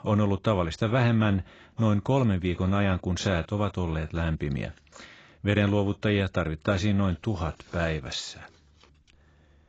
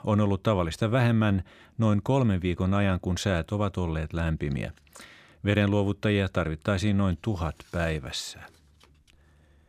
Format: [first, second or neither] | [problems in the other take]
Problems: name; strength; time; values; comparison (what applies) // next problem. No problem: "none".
second | garbled, watery; badly; nothing above 7.5 kHz